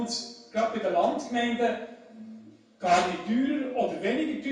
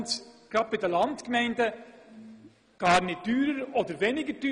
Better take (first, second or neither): second